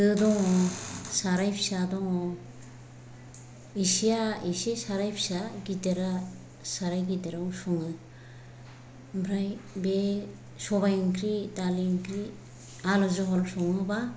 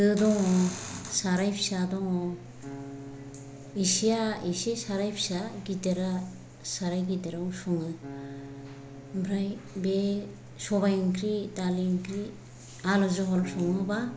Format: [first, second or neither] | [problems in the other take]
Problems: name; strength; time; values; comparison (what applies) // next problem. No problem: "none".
first | background sound (Acoustic guitar); 19 dB below the speech